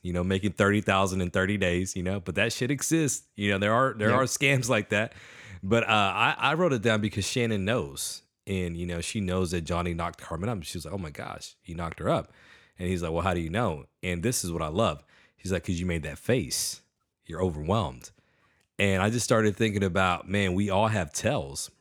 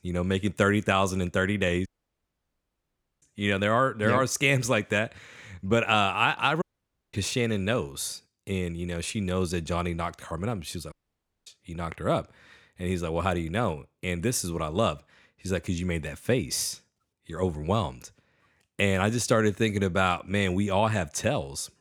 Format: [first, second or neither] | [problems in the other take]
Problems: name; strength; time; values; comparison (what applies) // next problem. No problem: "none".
first | audio cutting out; at 2 s for 1.5 s, at 6.5 s for 0.5 s and at 11 s for 0.5 s